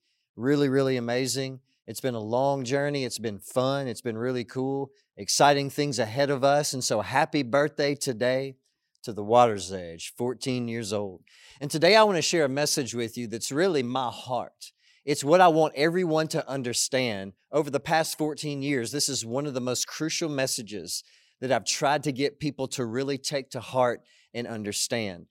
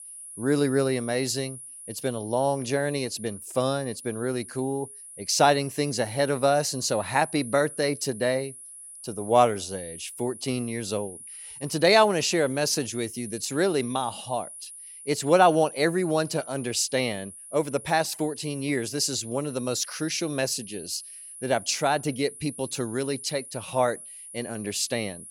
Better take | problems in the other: first | high-pitched whine; noticeable; throughout; 9.5 kHz, 15 dB below the speech

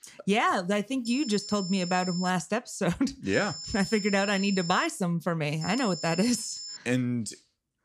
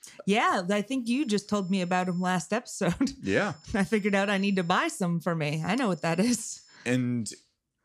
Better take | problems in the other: second | high-pitched whine; loud; from 1 to 2.5 s, from 3.5 to 5 s and from 5.5 to 7 s; 5.5 kHz, 9 dB below the speech; faint in the second

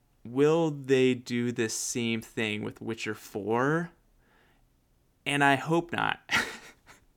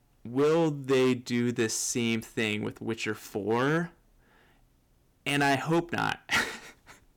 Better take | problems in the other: first | distortion; slight; 5% of the sound clipped

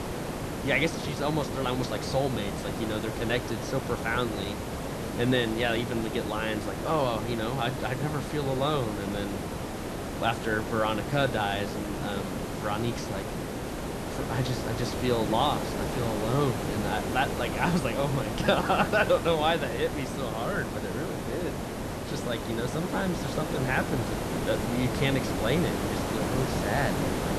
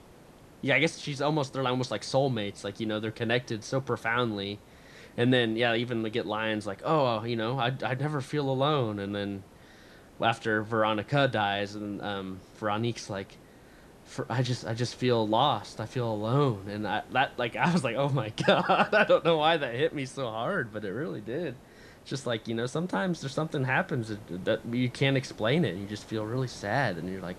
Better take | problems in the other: second | hiss; loud; throughout; 3 dB below the speech; faint in the second

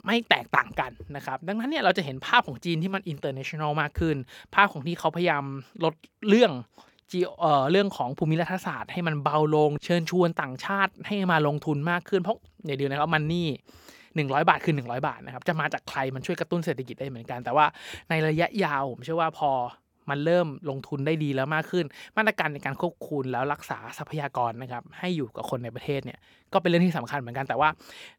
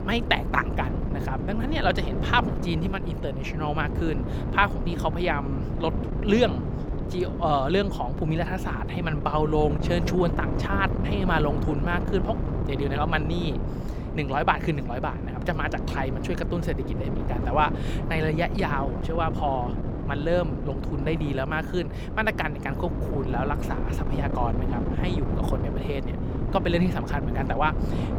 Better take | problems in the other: first | wind noise on the microphone; heavy; 8 dB below the speech

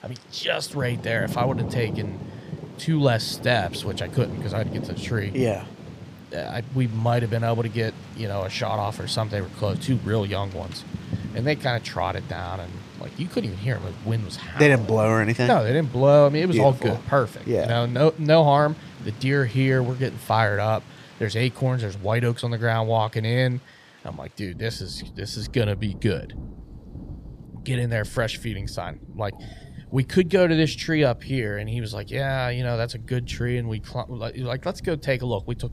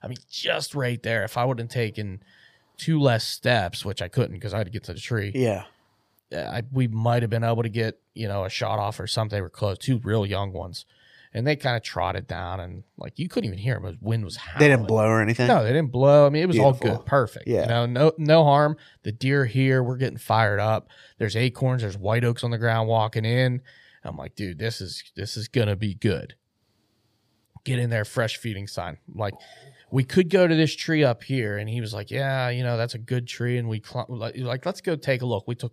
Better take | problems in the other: second | rain or running water; noticeable; throughout; 15 dB below the speech

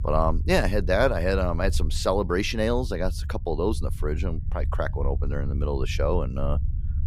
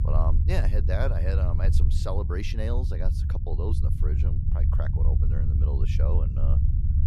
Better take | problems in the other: first | low rumble; loud; throughout; 4 dB below the speech; faint in the first

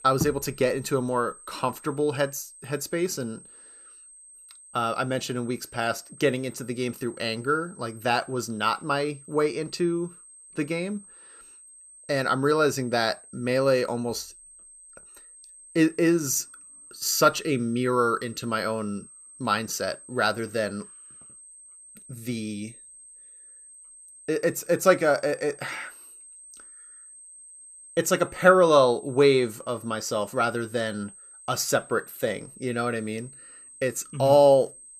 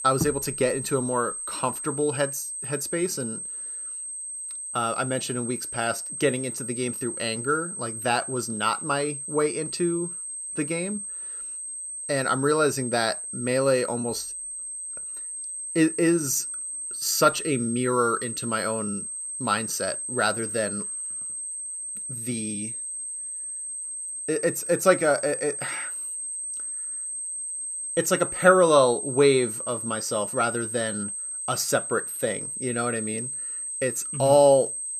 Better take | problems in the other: first | high-pitched whine; loud; throughout; 8.5 kHz, 5 dB below the speech; faint in the first

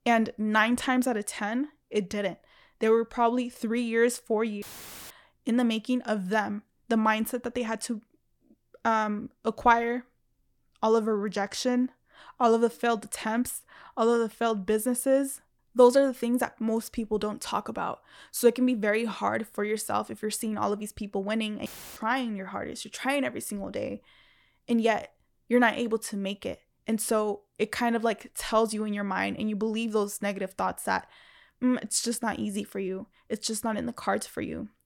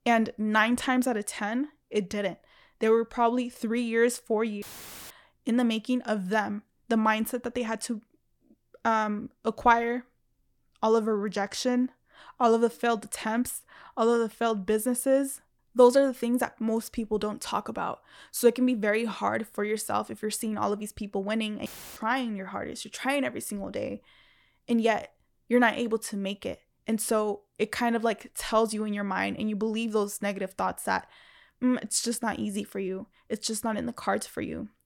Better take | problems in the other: neither | audio cutting out; filled with static; at 4.5 s and at 22 s; the same in both

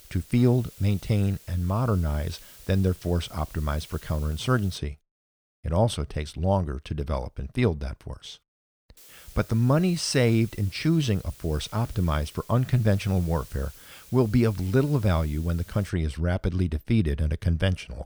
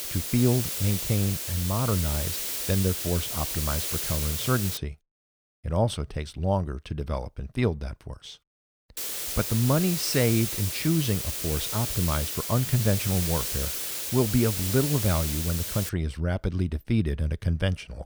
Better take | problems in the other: first | hiss; loud; until 5 s and from 9 to 16 s; 2 dB below the speech; faint in the first

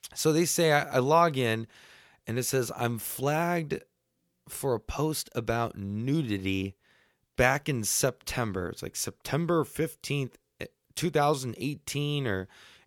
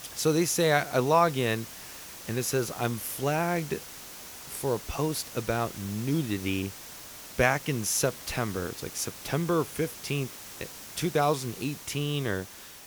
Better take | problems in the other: first | hiss; noticeable; throughout; 10 dB below the speech

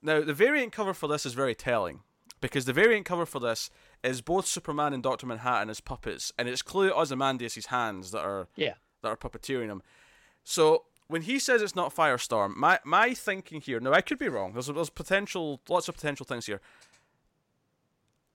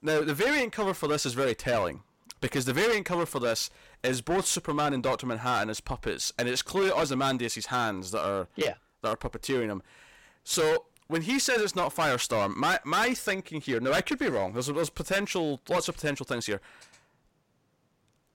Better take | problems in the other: first | distortion; heavy; 11% of the sound clipped

